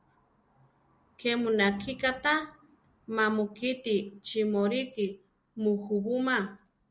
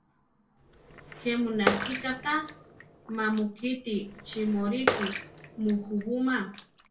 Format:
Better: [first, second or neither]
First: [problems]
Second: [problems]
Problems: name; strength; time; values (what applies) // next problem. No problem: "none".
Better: first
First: none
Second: background sound (Bathtub (filling or washing) / Water / Splash, splatter); 5 dB below the speech // room echo; dies away in 0.2 s